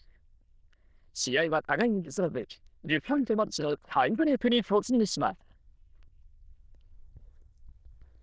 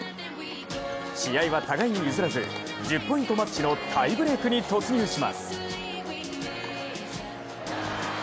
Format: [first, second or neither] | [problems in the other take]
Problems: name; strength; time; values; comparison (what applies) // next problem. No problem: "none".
second | noise reduction (neural diffusion model UNIVERSE++)